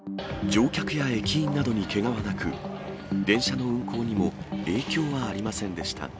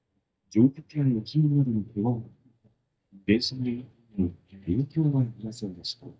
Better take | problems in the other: first | noise reduction (neural mask model DeepFilterNet 3)

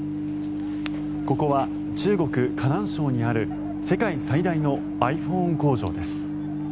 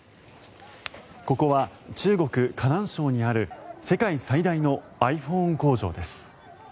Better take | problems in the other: second | background sound (Microwave oven); 3 dB below the speech

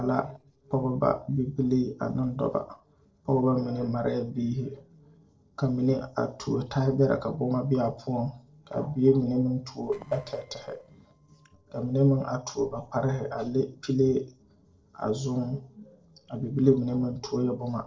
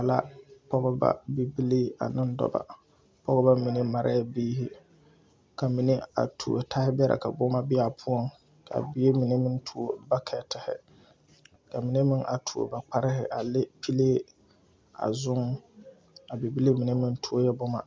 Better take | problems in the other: second | noise reduction (neural separator model SepFormer DNS4)

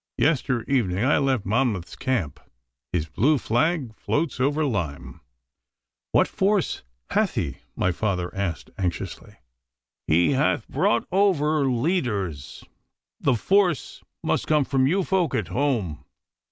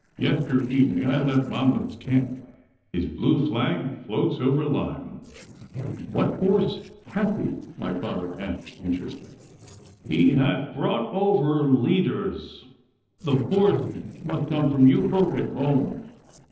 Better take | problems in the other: first | noise reduction (neural separator model SepFormer DNS4)

